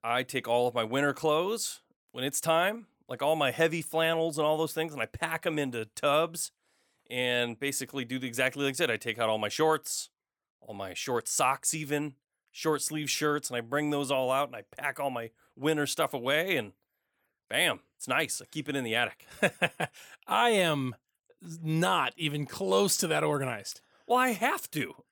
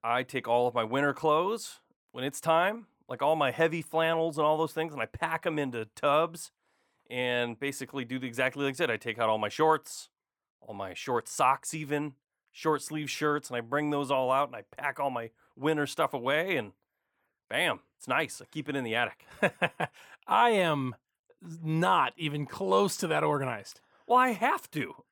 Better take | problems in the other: first | muffled; slightly; fading above 3.5 kHz

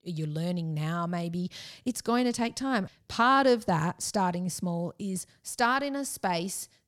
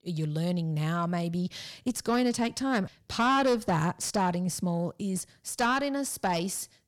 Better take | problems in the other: first | distortion; slight; 10 dB below the speech

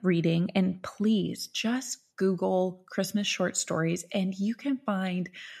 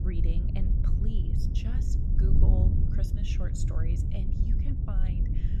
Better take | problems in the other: first | wind noise on the microphone; heavy; 3 dB above the speech

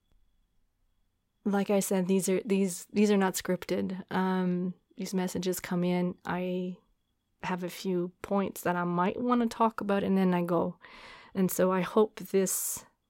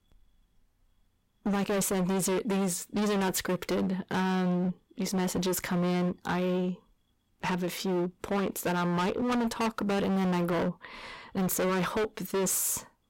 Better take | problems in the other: first | distortion; heavy; 26% of the sound clipped

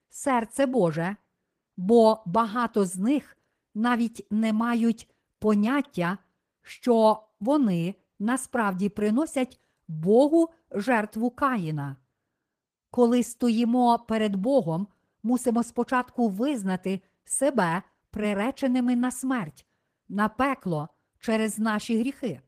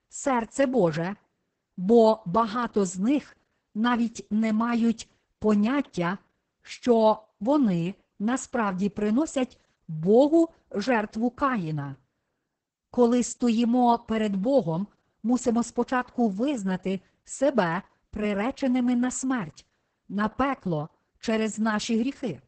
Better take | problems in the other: first | garbled, watery; badly; nothing above 8 kHz; slightly in the first

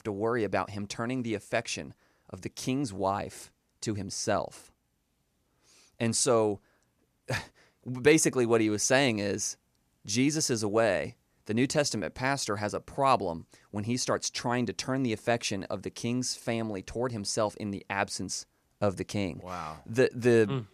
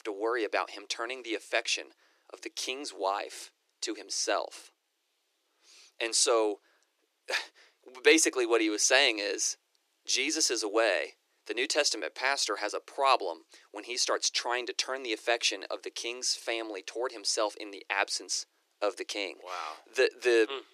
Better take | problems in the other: first | thin; very; fading below 300 Hz

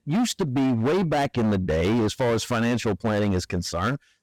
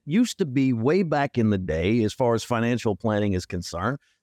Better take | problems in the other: second | distortion; heavy; 23% of the sound clipped

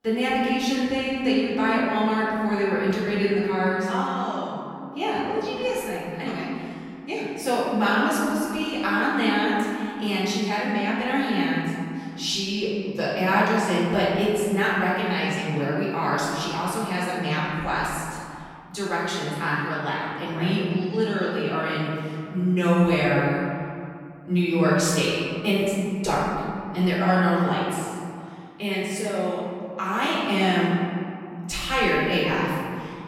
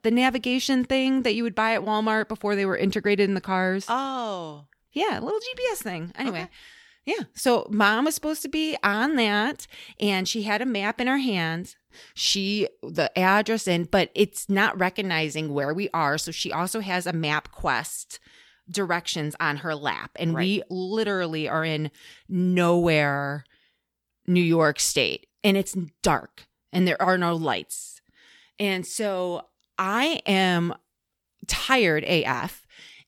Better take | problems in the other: second | off-mic speech; far // room echo; strong; dies away in 2.3 s

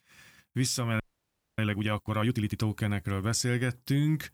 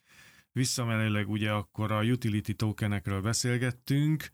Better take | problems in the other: second | audio freezing; at 1 s for 0.5 s

